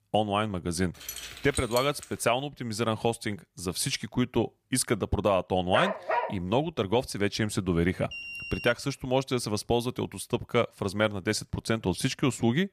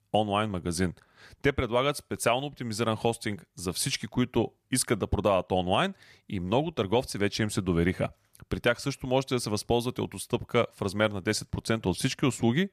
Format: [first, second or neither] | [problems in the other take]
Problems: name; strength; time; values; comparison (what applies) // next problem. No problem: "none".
second | jangling keys; noticeable; from 1 to 2 s; peak 7 dB below the speech // dog barking; noticeable; at 5.5 s; peak level with the speech // alarm; noticeable; at 8 s; peak 7 dB below the speech